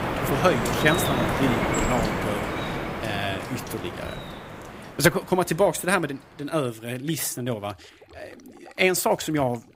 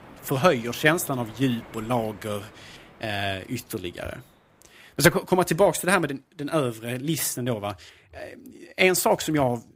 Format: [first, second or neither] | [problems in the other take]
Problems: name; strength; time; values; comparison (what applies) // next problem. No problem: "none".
second | rain or running water; loud; throughout; 2 dB below the speech; faint in the second